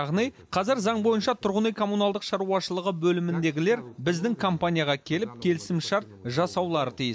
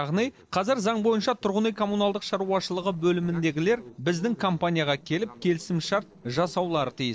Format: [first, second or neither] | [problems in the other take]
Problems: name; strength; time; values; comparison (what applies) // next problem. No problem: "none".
first | noise reduction (neural separator model SepFormer DNS4)